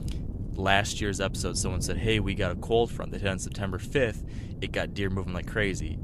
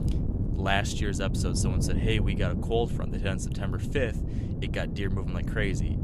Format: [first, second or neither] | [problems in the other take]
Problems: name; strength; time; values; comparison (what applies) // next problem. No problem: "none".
first | wind noise on the microphone; heavy; 8 dB below the speech; occasional gusts in the first